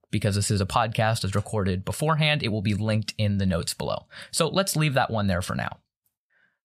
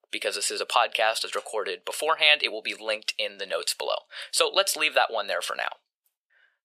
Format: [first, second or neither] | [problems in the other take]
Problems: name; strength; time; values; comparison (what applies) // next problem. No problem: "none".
first | thin; very; fading below 400 Hz